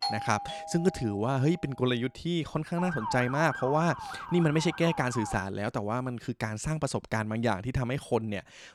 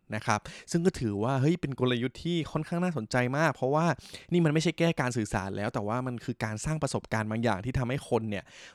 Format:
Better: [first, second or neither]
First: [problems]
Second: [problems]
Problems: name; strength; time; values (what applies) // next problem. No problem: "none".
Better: second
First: doorbell; noticeable; until 1.5 s; peak 3 dB below the speech // siren; noticeable; from 3 to 5.5 s; peak 5 dB below the speech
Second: none